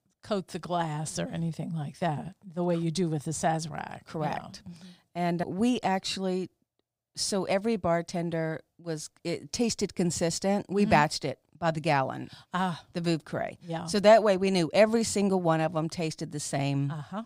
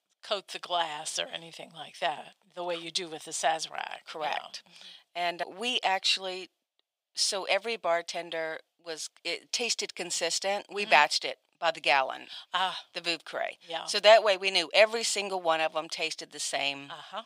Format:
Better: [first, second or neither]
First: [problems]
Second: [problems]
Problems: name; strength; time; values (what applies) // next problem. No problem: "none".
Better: first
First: none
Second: thin; very; fading below 650 Hz